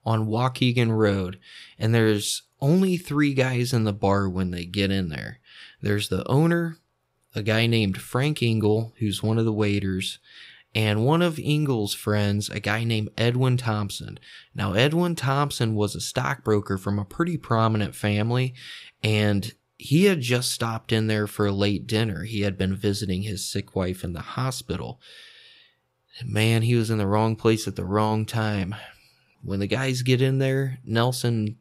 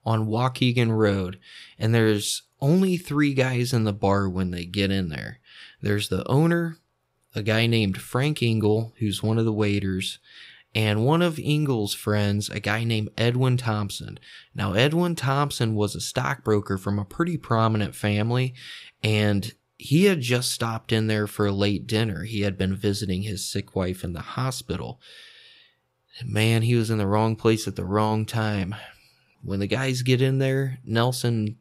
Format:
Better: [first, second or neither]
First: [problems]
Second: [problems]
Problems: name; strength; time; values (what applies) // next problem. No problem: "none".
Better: neither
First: none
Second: none